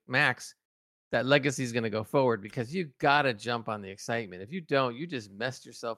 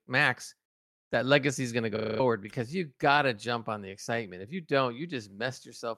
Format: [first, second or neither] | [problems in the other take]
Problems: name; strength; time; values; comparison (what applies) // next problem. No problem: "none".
first | audio freezing; at 2 s